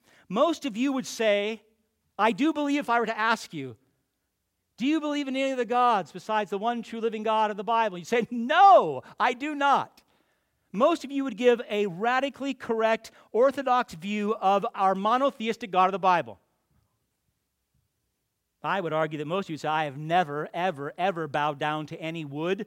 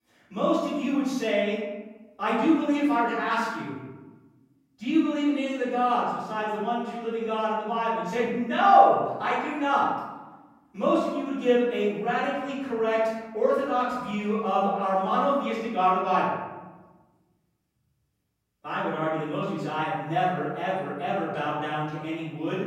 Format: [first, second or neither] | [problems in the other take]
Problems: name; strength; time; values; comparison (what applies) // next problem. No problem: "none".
first | off-mic speech; far // room echo; strong; dies away in 1.1 s